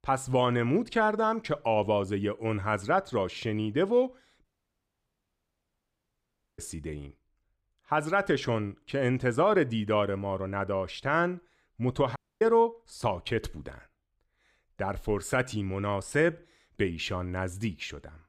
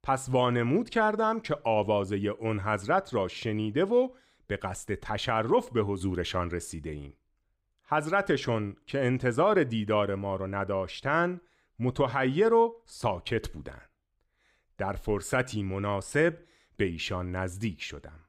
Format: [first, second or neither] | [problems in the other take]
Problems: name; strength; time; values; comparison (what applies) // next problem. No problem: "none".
second | audio cutting out; at 4.5 s for 2 s and at 12 s